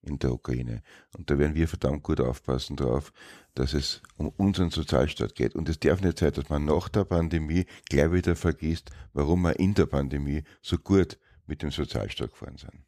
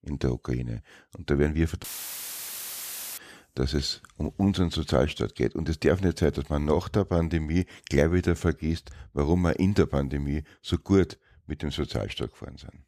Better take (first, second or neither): first